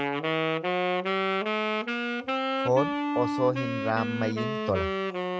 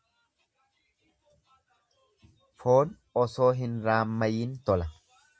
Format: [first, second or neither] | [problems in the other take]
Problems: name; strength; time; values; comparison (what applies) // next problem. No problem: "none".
second | background sound (Wind instrument, woodwind instrument); 3 dB above the speech